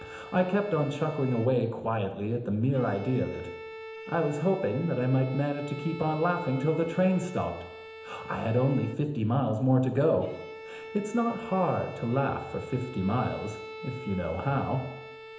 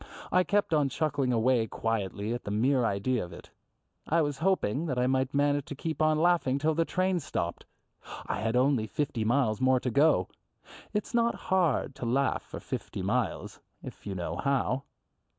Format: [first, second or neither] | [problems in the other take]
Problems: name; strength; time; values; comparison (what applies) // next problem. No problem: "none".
second | background sound (Bowed string instrument); 14 dB below the speech // room echo; dies away in 0.8 s